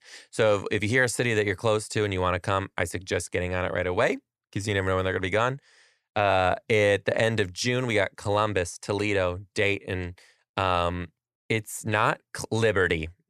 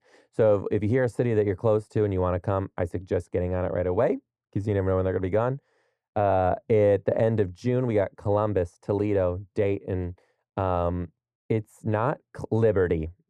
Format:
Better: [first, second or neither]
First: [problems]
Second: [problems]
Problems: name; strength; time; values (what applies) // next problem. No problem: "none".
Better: first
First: none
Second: muffled; very; fading above 1.5 kHz